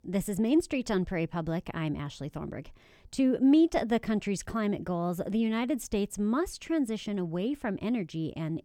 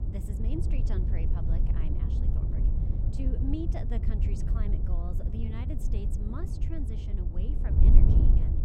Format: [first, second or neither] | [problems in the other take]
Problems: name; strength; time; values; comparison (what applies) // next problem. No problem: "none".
first | wind noise on the microphone; heavy; 1 dB above the speech